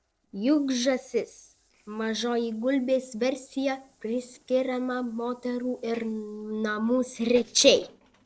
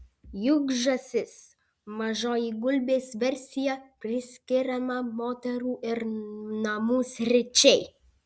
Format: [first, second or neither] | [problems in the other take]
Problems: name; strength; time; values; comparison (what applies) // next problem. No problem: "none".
second | noise reduction (neural separator model SepFormer DNS4)